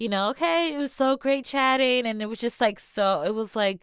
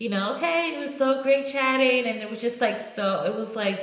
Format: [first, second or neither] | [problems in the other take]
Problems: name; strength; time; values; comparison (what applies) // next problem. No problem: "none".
first | room echo; dies away in 0.9 s